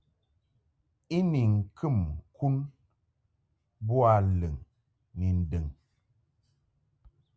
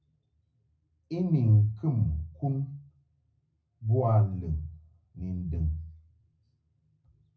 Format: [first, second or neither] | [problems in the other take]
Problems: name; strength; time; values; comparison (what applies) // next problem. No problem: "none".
first | room echo; dies away in 0.4 s